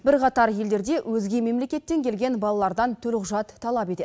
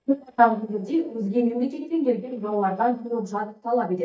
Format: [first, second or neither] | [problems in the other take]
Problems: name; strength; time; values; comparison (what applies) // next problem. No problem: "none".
first | noise reduction (neural mask model DeepFilterNet 3)